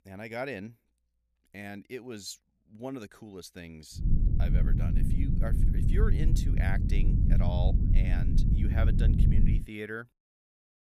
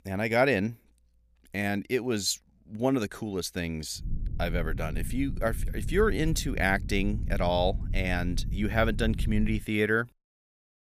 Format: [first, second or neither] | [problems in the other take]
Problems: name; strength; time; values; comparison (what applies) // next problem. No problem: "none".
second | low rumble; loud; from 4 to 9.5 s; 1 dB below the speech; faint in the second